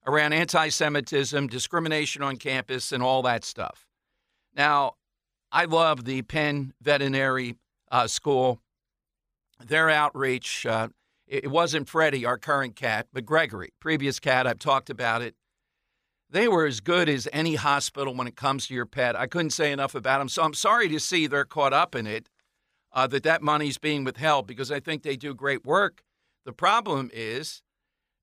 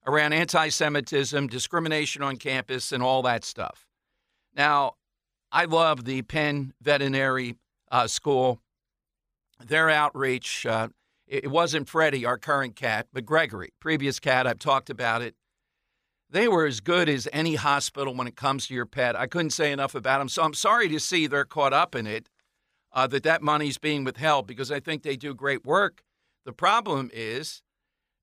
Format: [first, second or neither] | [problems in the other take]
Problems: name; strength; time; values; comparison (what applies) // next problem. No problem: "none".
neither | none